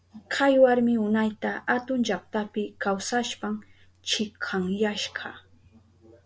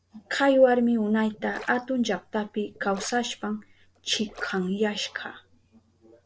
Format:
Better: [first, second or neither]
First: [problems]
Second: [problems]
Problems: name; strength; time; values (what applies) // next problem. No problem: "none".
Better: first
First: none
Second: noise reduction (neural separator model SepFormer DNS4)